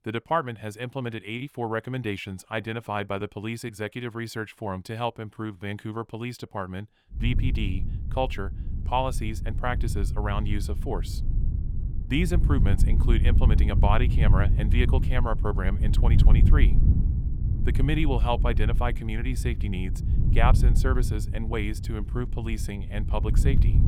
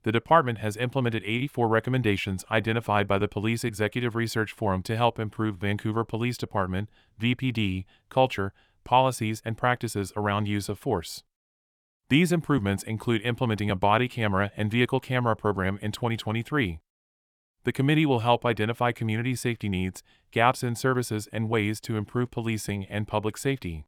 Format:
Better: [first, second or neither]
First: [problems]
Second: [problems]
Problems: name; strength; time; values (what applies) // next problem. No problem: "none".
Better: second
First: wind noise on the microphone; heavy; from 7 s on; 10 dB below the speech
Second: none